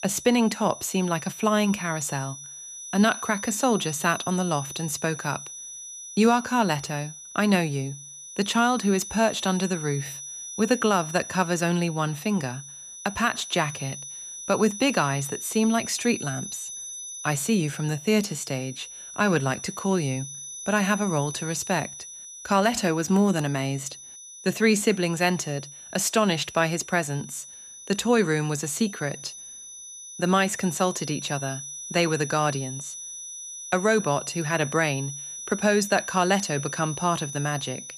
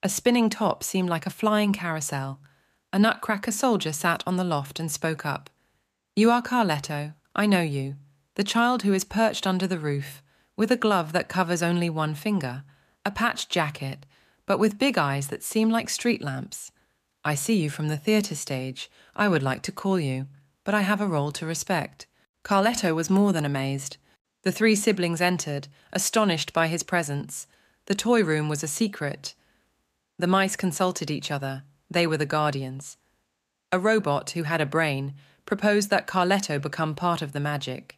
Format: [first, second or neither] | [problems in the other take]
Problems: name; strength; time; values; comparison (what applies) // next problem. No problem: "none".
second | high-pitched whine; noticeable; throughout; 6 kHz, 10 dB below the speech